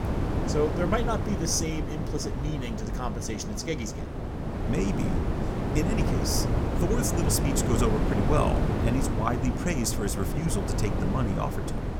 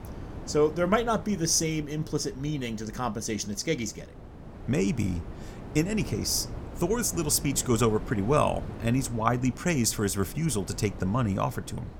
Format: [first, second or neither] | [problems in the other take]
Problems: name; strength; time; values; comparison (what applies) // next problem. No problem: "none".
second | wind noise on the microphone; heavy; 2 dB below the speech; occasional gusts in the second